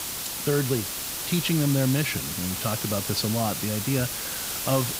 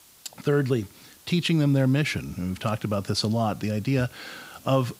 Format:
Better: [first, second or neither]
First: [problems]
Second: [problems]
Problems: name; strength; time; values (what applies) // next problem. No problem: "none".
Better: second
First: hiss; loud; throughout; 2 dB below the speech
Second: hiss; faint; throughout; 25 dB below the speech